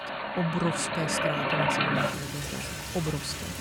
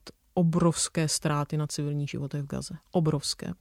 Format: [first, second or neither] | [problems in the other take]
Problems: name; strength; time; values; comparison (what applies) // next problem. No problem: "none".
second | rain or running water; very loud; throughout; 3 dB above the speech